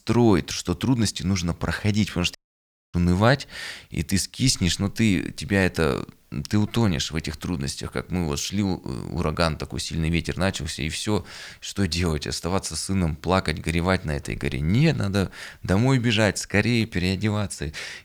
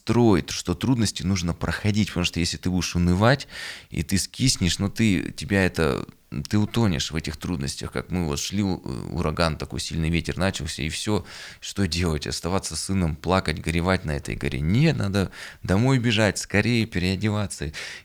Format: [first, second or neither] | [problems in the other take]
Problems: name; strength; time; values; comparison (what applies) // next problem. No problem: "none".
second | audio cutting out; at 2.5 s for 0.5 s